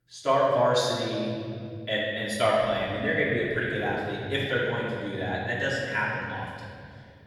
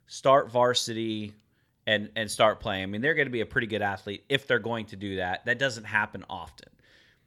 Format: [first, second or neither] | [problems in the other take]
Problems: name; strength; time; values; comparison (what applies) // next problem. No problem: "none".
second | off-mic speech; far // room echo; strong; dies away in 2.8 s